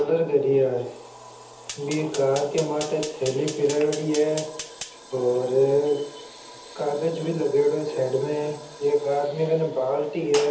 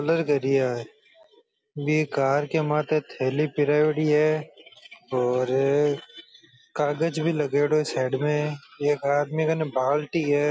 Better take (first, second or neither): second